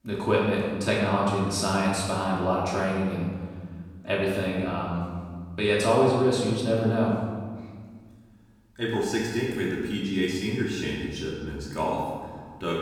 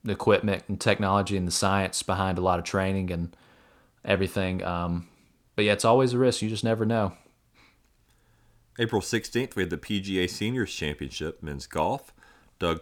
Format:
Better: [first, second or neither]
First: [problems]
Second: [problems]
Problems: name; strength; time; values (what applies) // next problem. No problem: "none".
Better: second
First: room echo; noticeable; dies away in 1.5 s // off-mic speech; far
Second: none